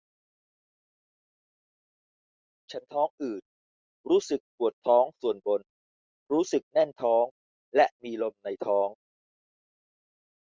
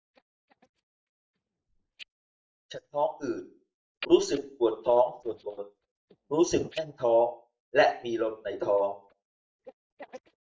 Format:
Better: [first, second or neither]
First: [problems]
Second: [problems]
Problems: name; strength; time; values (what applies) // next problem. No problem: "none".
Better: first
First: none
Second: noise reduction (neural mask model DeepFilterNet 3)